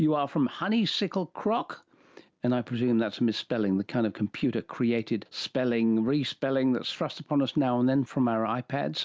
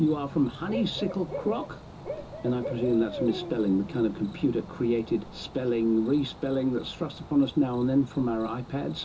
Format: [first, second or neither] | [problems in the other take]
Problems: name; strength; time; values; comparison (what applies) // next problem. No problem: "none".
first | background sound (Cricket / Bird); 12 dB below the speech // room echo; dies away in 0.2 s